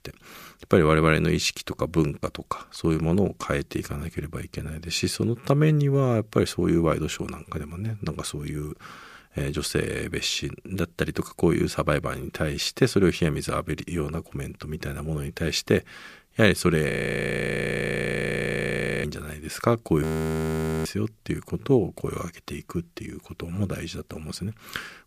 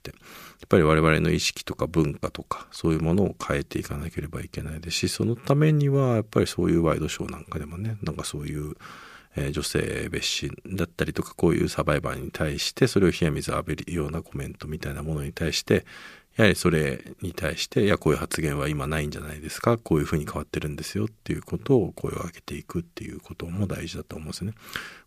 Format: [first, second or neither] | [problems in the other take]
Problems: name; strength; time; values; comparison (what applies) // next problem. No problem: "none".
second | audio freezing; at 17 s for 2 s and at 20 s for 1 s